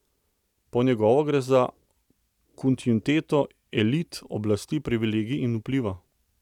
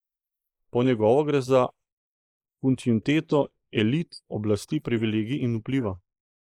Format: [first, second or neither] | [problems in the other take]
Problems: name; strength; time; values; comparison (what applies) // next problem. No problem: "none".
first | noise reduction (neural mask model Resemble Enhance denoiser)